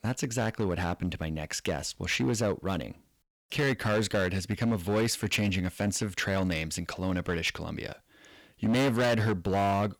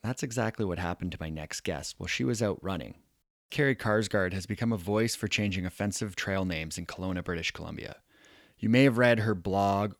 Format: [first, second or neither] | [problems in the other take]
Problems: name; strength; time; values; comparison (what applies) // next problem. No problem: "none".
second | distortion; heavy; 10% of the sound clipped